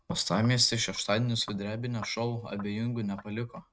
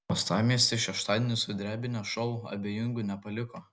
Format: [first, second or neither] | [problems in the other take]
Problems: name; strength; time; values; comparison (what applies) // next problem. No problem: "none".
second | noise reduction (neural mask model RNNoise)